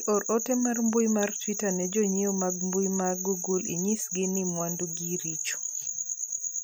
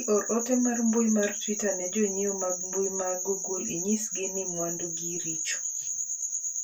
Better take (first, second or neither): first